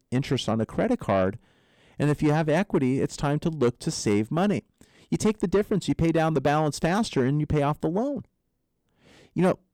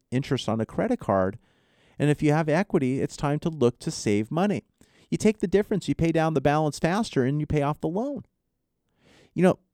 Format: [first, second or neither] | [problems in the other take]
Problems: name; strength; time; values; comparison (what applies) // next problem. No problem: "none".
second | distortion; slight; 10 dB below the speech